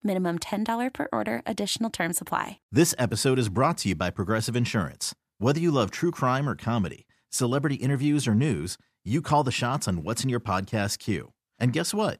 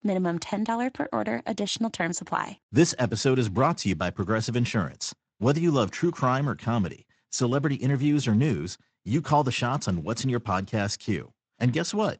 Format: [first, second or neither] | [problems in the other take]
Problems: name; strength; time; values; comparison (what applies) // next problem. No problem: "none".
first | garbled, watery; slightly; nothing above 8 kHz